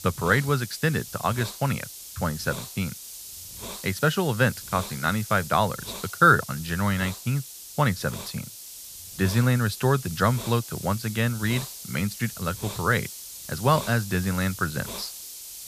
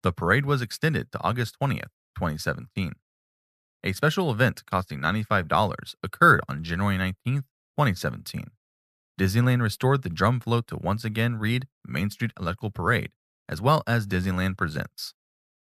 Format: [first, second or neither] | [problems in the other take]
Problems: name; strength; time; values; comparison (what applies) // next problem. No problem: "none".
second | hiss; noticeable; throughout; 10 dB below the speech